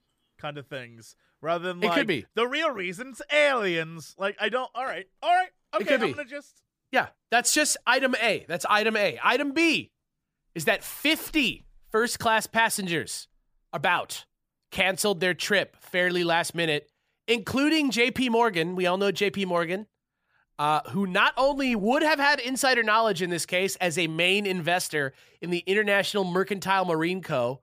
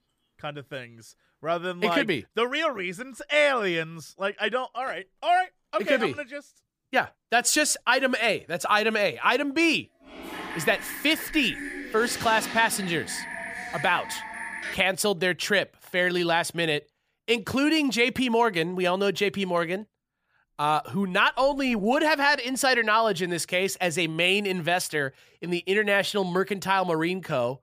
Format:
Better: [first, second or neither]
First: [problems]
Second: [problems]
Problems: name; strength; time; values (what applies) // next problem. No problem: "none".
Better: first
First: none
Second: keyboard typing; noticeable; from 10 to 15 s; peak 8 dB below the speech